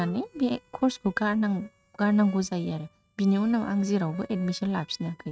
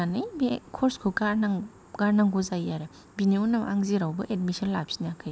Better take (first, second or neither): second